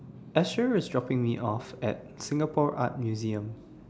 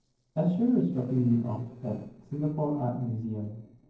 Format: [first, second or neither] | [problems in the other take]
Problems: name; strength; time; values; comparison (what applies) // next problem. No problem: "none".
first | noise reduction (neural separator model SepFormer DNS4)